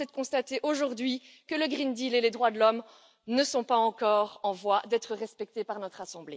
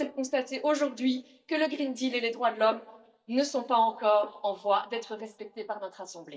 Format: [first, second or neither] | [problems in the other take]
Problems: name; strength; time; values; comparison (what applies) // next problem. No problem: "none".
first | noise reduction (neural mask model DeepFilterNet 3)